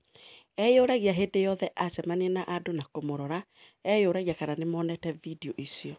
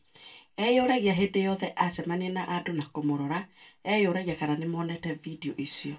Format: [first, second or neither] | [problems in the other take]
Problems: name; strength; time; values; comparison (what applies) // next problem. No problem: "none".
first | room echo; dies away in 0.2 s